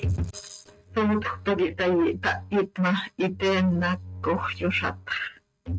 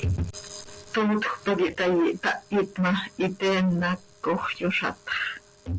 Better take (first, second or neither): second